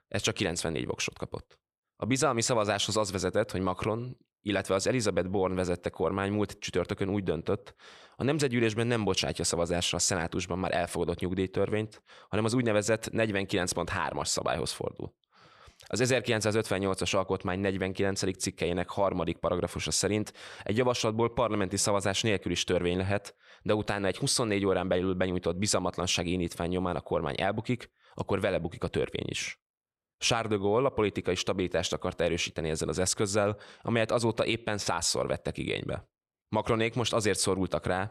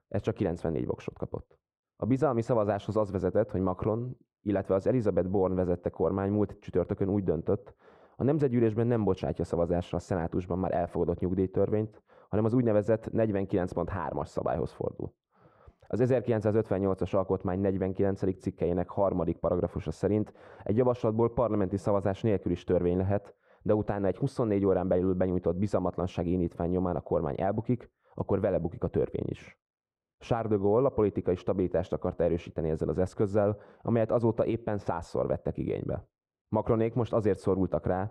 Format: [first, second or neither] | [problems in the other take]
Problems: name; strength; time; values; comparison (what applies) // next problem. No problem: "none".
first | muffled; very; fading above 2 kHz